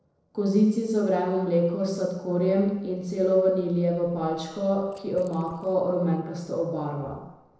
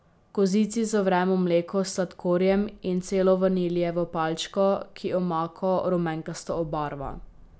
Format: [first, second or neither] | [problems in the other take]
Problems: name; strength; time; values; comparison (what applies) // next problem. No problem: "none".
second | noise reduction (neural separator model SepFormer DNS4)